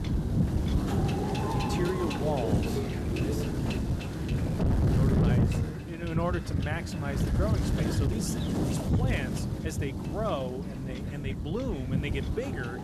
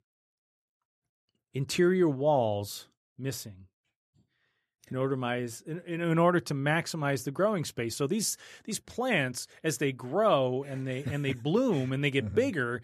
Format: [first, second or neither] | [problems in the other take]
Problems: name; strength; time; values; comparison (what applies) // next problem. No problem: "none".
second | wind noise on the microphone; heavy; as loud as the speech